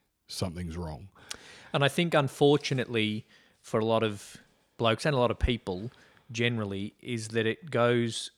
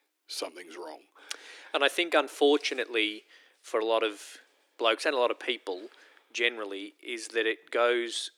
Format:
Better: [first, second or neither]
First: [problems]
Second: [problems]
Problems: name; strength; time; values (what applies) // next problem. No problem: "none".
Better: first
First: none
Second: thin; somewhat; fading below 300 Hz